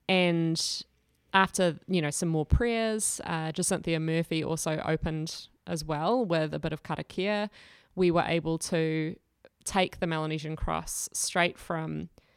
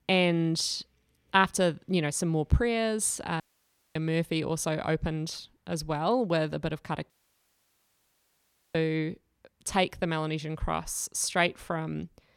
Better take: first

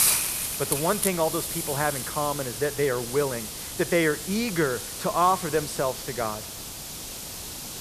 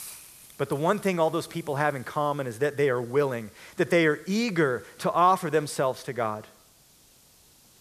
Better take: second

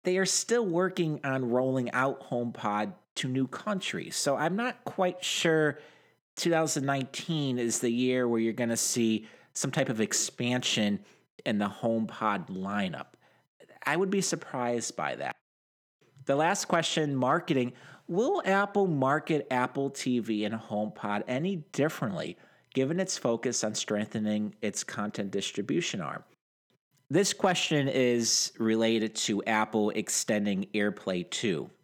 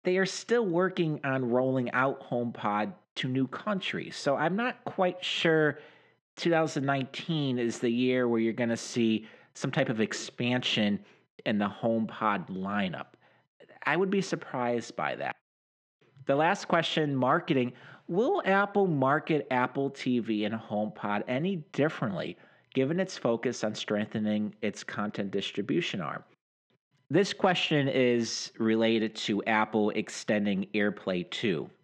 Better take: first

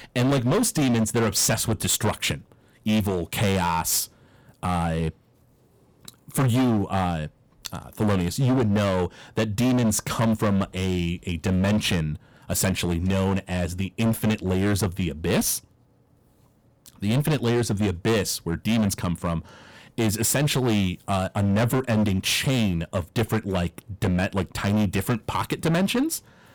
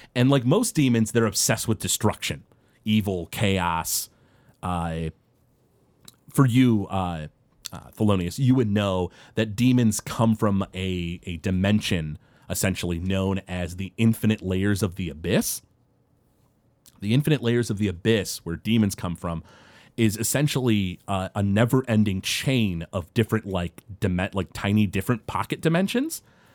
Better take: second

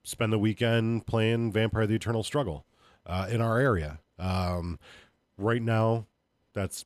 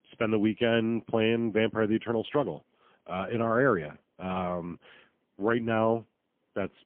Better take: first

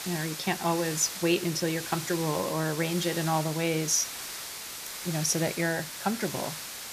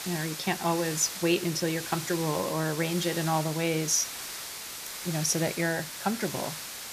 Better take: neither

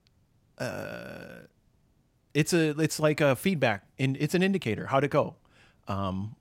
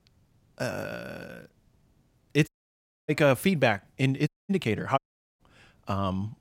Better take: first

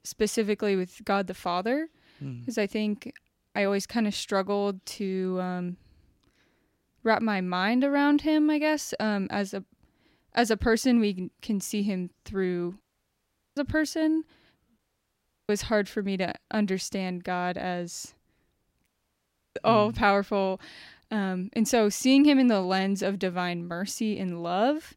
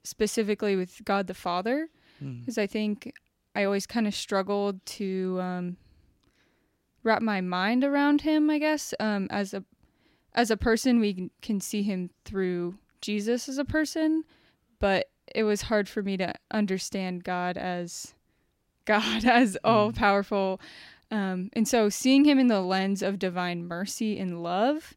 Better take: second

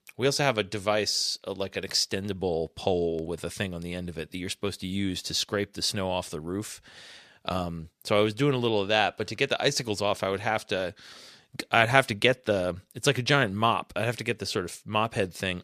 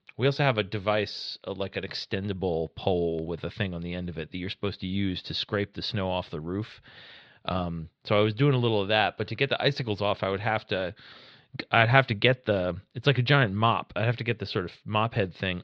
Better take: first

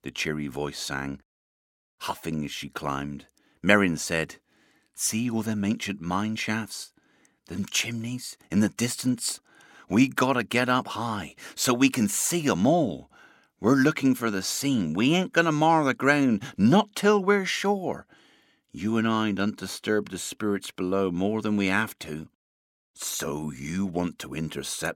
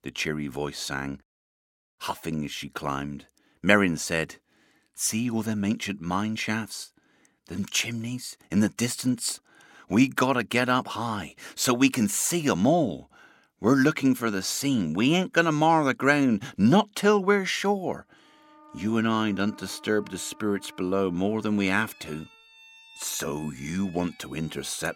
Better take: first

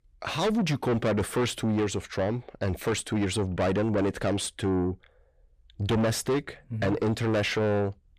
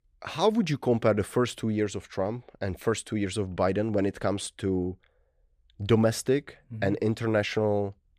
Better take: second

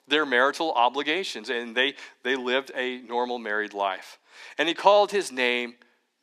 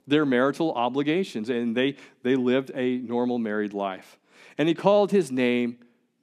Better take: second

